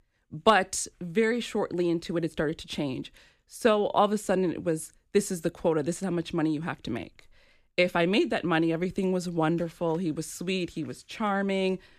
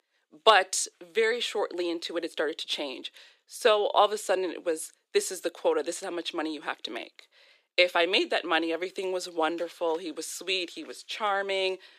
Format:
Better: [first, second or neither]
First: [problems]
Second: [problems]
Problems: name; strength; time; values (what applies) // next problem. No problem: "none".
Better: first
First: none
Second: thin; very; fading below 400 Hz